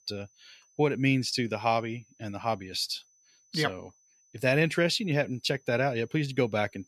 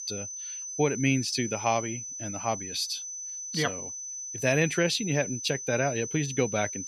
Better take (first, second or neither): first